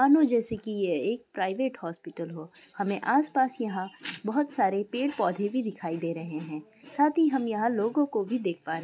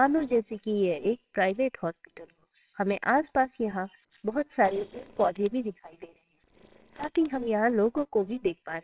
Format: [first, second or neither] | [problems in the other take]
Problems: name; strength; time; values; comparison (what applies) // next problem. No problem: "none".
first | noise reduction (neural separator model SepFormer WHAMR!)